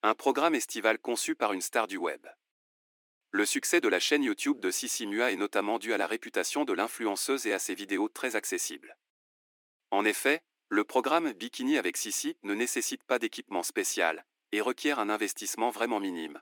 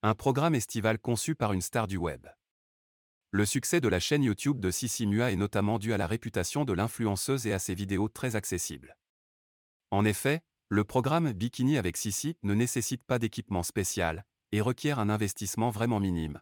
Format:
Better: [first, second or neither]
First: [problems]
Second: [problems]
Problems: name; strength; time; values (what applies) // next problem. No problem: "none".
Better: second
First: thin; somewhat; fading below 300 Hz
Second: none